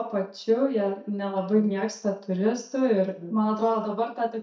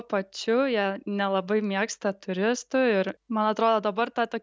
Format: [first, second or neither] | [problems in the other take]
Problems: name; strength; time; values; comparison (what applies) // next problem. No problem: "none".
second | noise reduction (neural mask model DeepFilterNet 3)